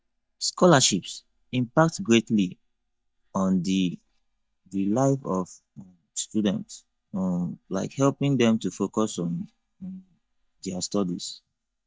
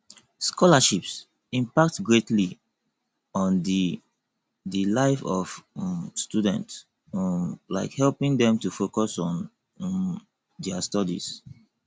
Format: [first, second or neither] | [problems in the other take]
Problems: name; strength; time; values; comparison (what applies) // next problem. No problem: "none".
second | noise reduction (neural mask model DeepFilterNet 3)